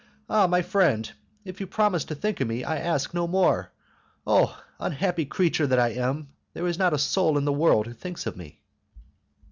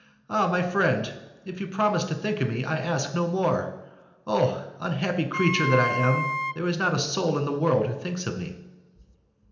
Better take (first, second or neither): first